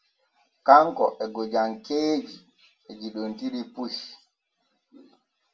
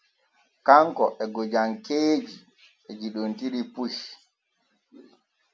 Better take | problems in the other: second | room echo; dies away in 0.1 s

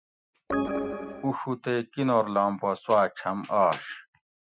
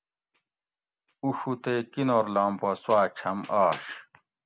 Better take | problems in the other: second | noise reduction (classical method Wiener filter)

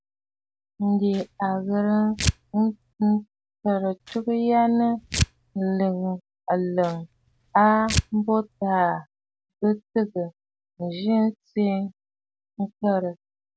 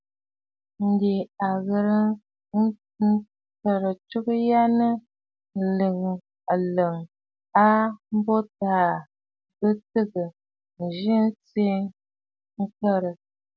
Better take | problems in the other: second | background sound (Tearing); 7 dB below the speech

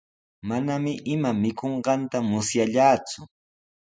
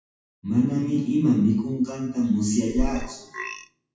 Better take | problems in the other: first | noise reduction (classical method WPE with log-MMSE)

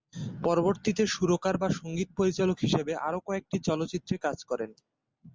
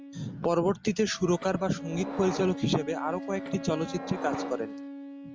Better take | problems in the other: first | background sound (Subway, metro, underground + Wind instrument, woodwind instrument); 9 dB below the speech

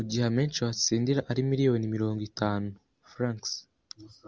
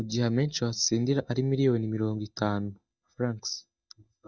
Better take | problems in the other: first | noise reduction (neural mask model DeepFilterNet 3)

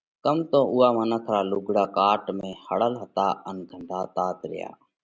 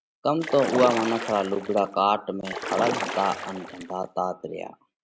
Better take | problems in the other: first | background sound (Splash, splatter); 7 dB below the speech

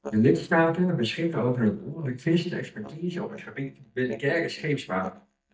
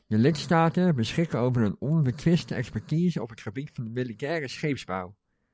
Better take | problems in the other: second | noise reduction (neural mask model DeepFilterNet 3)

